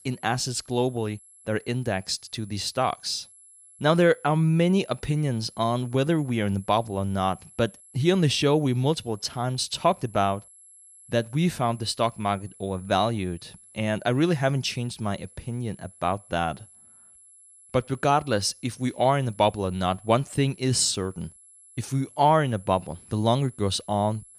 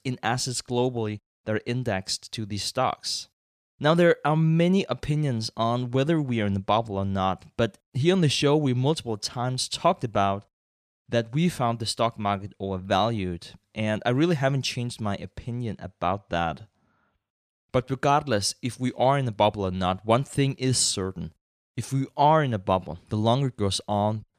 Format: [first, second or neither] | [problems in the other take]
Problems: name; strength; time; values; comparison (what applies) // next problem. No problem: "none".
second | high-pitched whine; faint; throughout; 11 kHz, 25 dB below the speech